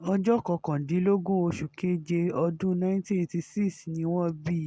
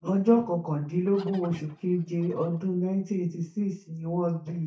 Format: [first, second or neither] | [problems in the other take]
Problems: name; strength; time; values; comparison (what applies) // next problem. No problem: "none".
first | noise reduction (neural mask model DeepFilterNet 3)